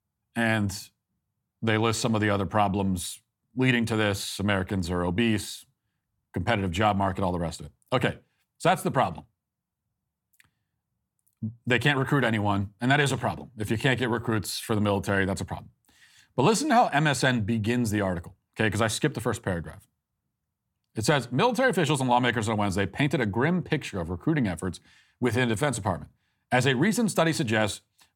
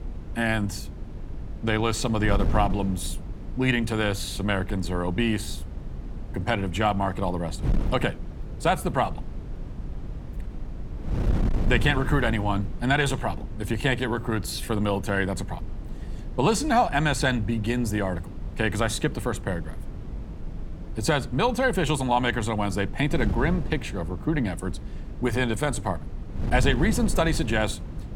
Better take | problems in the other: first | wind noise on the microphone; occasional gusts; 15 dB below the speech

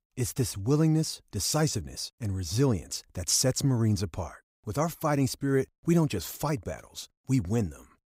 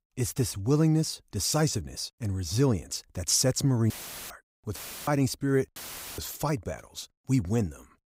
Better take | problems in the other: first | audio cutting out; filled with static; at 4 s, at 5 s and at 6 s

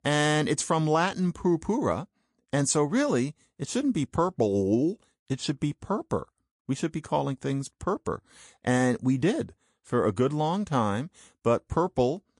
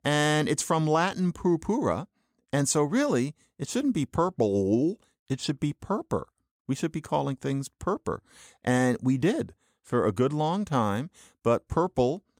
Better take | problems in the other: second | garbled, watery; slightly

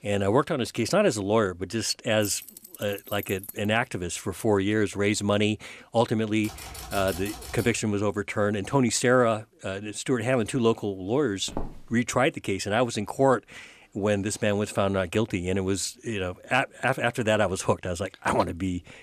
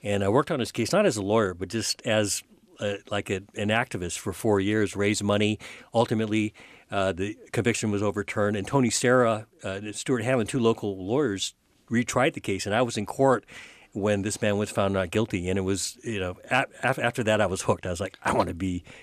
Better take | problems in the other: second | jangling keys; faint; from 2 to 3.5 s; peak 15 dB below the speech // keyboard typing; faint; from 6.5 to 8 s; peak 10 dB below the speech // footsteps; faint; at 11 s; peak 10 dB below the speech

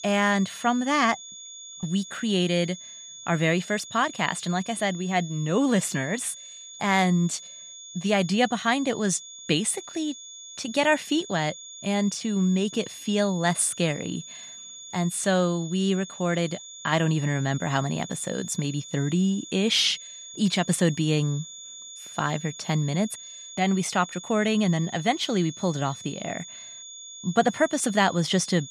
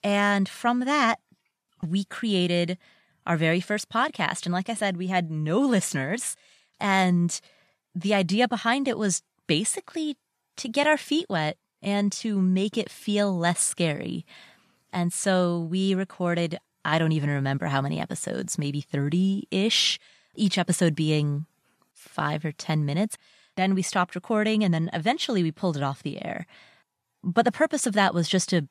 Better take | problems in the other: second | high-pitched whine; noticeable; throughout; 6.5 kHz, 15 dB below the speech

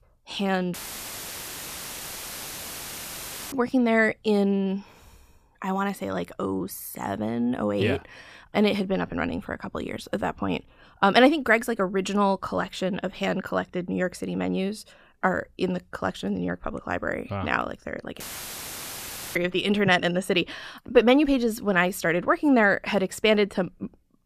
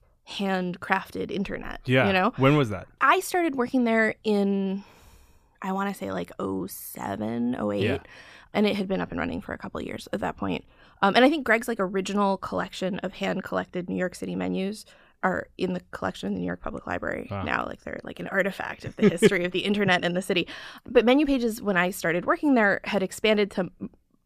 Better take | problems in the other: second | audio cutting out; filled with static; at 0.5 s for 3 s and at 18 s for 1 s

